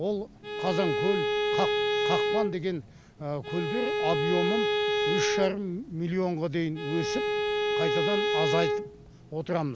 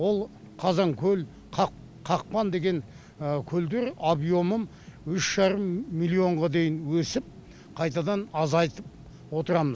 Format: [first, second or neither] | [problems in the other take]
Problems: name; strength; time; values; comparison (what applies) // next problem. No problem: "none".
second | background sound (Bowed string instrument); 2 dB above the speech